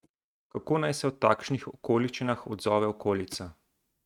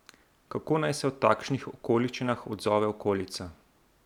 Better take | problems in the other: second | noise reduction (neural mask model RNNoise)

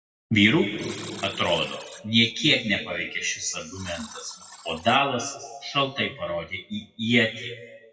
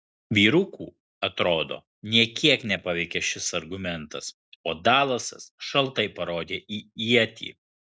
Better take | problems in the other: second | noise reduction (classical method WPE with log-MMSE)

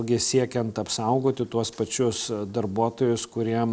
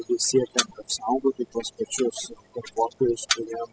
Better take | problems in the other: first | noise reduction (classical method spectral subtraction)

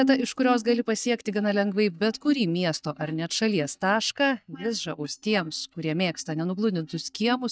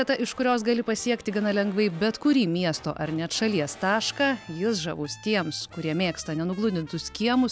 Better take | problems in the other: second | noise reduction (neural mask model DeepFilterNet 3)

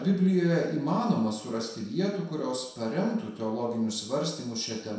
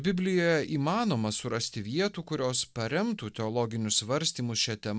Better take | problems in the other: second | room echo; dies away in 0.7 s

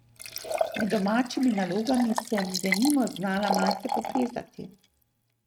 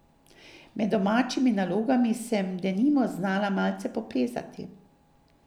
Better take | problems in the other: second | noise reduction (neural mask model RNNoise)

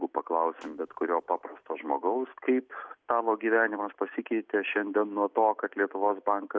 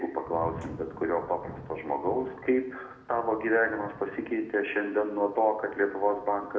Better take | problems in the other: first | background sound (Thunder / Rain); 18 dB below the speech // room echo; dies away in 0.7 s

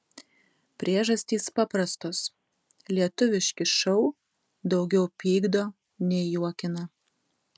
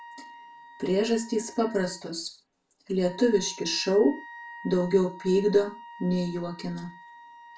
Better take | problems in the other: first | background sound (Wind instrument, woodwind instrument); 19 dB below the speech // room echo; dies away in 0.3 s

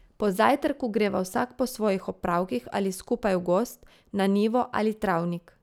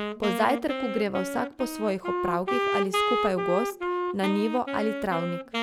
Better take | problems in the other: first | background sound (Wind instrument, woodwind instrument); 1 dB below the speech

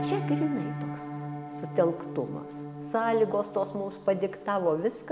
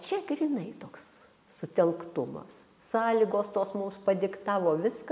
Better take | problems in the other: second | background sound (Piano); 7 dB below the speech

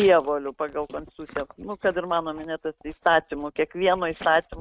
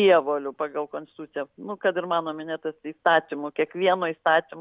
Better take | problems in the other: second | noise reduction (neural mask model RNNoise)

